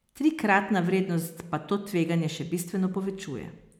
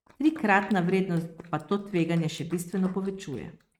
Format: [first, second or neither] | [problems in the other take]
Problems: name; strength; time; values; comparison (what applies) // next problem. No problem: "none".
first | noise reduction (neural mask model RNNoise)